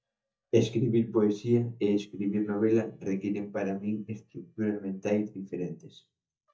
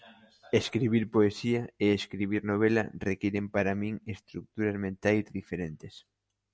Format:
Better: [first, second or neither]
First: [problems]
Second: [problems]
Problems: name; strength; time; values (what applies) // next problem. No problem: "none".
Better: second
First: noise reduction (neural mask model DeepFilterNet 3)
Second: none